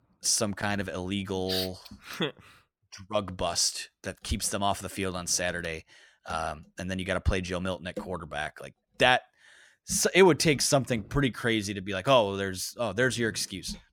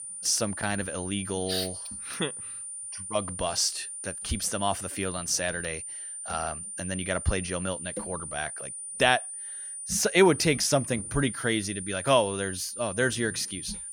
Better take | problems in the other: first | high-pitched whine; loud; throughout; 9 kHz, 7 dB below the speech

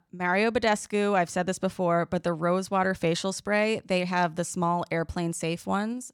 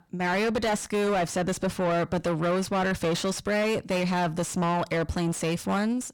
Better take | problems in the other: first | distortion; heavy; 7 dB below the speech

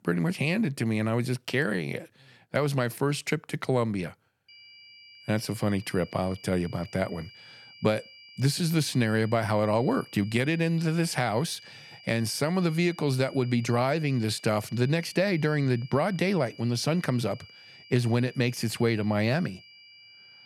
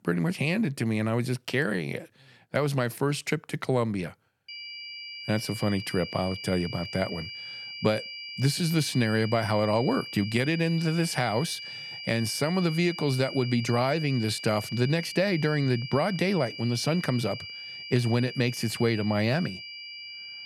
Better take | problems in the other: first | high-pitched whine; loud; from 4.5 s on; 2.5 kHz, 10 dB below the speech; faint in the first

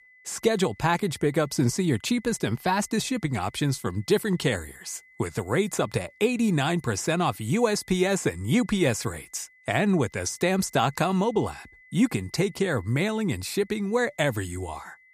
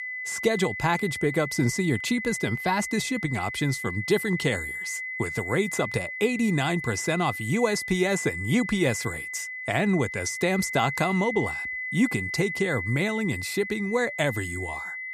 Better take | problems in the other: first | high-pitched whine; loud; throughout; 2 kHz, 5 dB below the speech; faint in the first

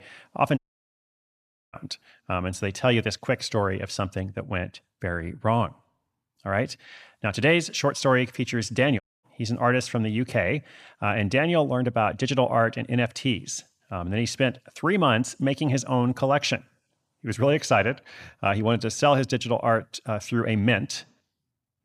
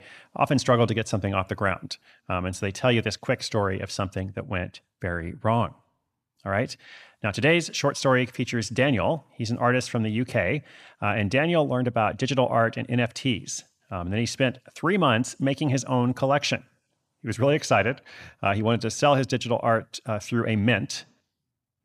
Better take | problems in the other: second | audio cutting out; at 0.5 s for 1 s and at 9 s

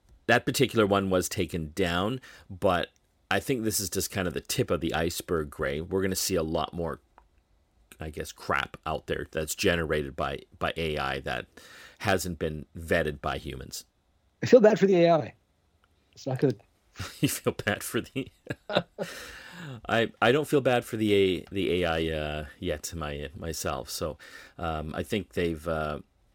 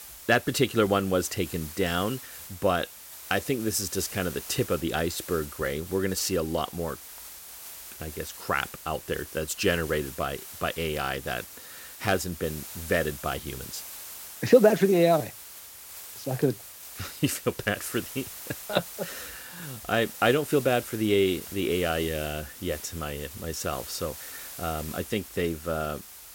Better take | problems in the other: first | hiss; noticeable; throughout; 10 dB below the speech

